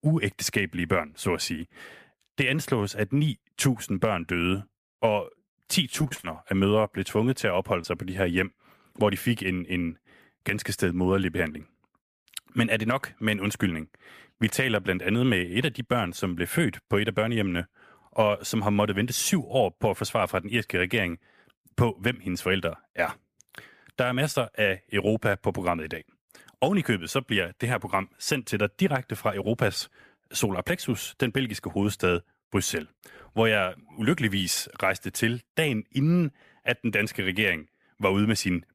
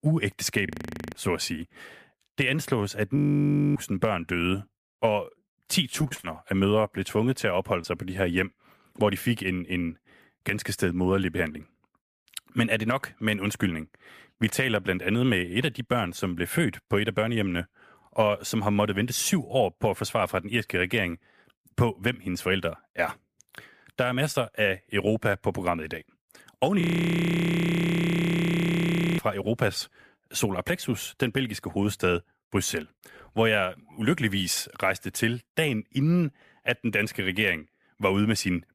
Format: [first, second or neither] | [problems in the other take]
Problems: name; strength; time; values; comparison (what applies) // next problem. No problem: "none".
first | audio freezing; at 0.5 s, at 3 s for 0.5 s and at 27 s for 2.5 s